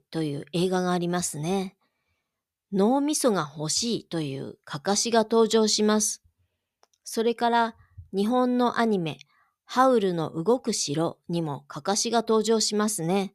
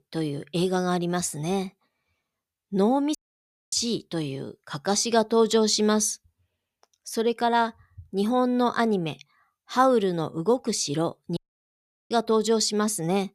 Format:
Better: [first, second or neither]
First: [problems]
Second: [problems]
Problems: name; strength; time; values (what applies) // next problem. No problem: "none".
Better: first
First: none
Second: audio cutting out; at 3 s for 0.5 s and at 11 s for 0.5 s